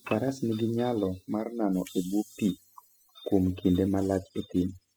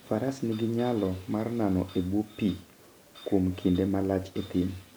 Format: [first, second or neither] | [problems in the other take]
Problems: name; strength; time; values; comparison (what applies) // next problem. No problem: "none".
second | noise reduction (classical method spectral subtraction)